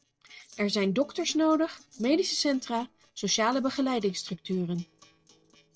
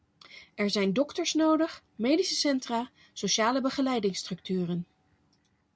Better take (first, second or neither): second